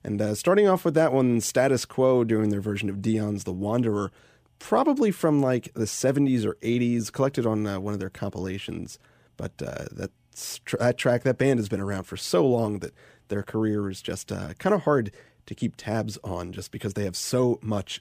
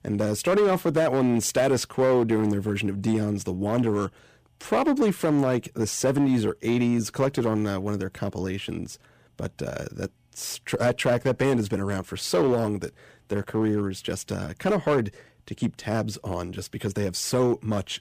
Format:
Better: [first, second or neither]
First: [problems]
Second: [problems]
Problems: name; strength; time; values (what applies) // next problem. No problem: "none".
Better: first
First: none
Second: distortion; slight; 5% of the sound clipped